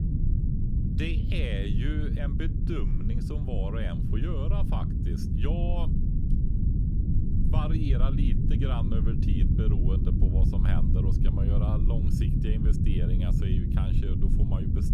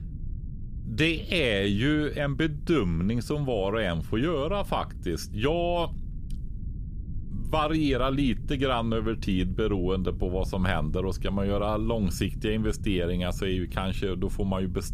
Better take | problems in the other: second | low rumble; loud; throughout; as loud as the speech; faint in the second

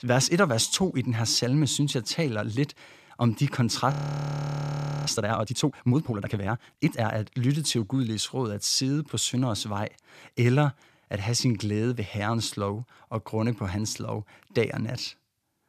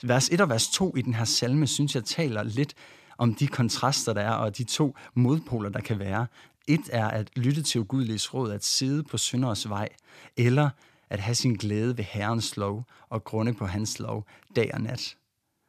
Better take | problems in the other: second | audio freezing; at 4 s for 1 s

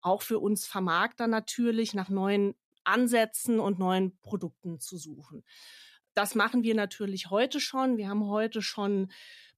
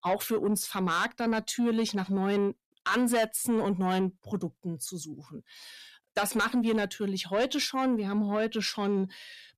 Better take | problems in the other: first | distortion; slight; 10 dB below the speech

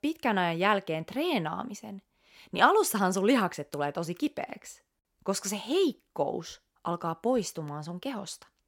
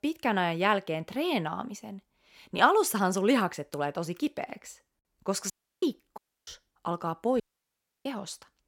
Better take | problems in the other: first | audio cutting out; at 5.5 s, at 6 s and at 7.5 s for 0.5 s

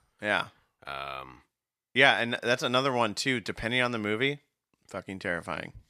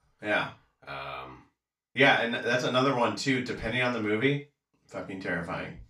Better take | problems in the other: first | room echo; slight; dies away in 0.2 s // off-mic speech; far

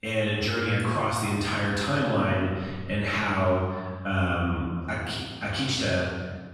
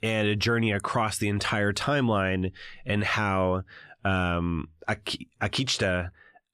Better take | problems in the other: second | room echo; strong; dies away in 1.3 s // off-mic speech; far

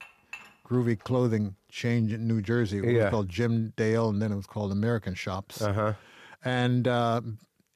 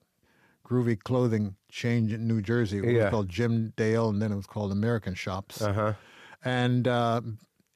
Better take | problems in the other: second | clattering dishes; faint; at the start; peak 15 dB below the speech

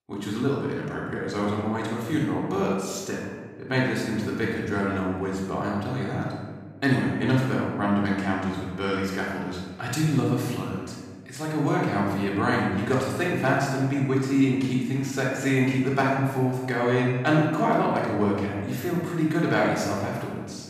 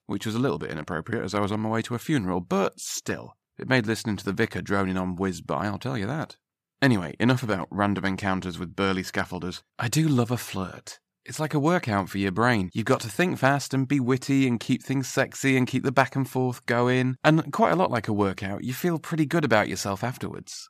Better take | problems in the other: second | off-mic speech; far // room echo; noticeable; dies away in 1.4 s

